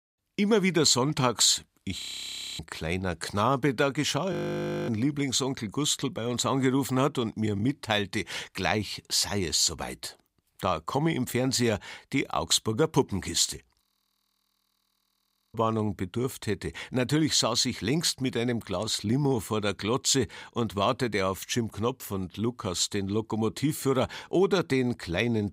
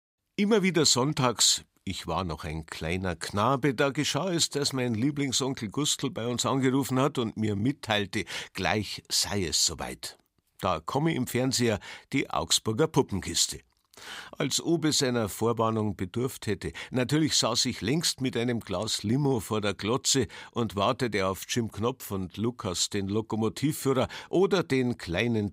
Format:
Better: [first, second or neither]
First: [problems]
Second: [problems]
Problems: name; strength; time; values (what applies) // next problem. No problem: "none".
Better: second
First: audio freezing; at 2 s for 0.5 s, at 4.5 s for 0.5 s and at 14 s for 1.5 s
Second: none